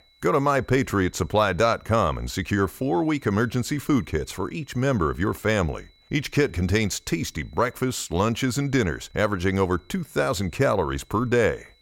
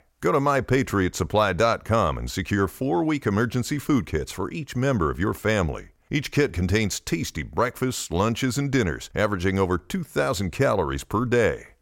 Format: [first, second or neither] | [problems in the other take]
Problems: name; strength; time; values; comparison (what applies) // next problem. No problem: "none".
second | high-pitched whine; faint; throughout; 4 kHz, 35 dB below the speech